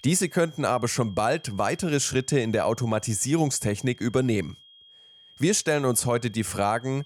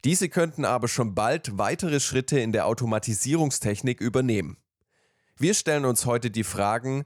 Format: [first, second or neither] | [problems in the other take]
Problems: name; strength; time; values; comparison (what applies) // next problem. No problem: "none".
second | high-pitched whine; faint; throughout; 3.5 kHz, 25 dB below the speech